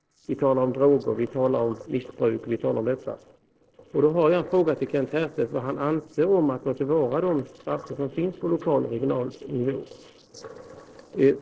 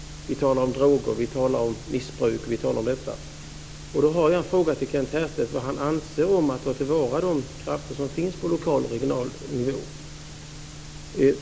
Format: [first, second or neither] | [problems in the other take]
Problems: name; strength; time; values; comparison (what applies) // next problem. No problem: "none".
second | noise reduction (neural separator model SepFormer DNS4)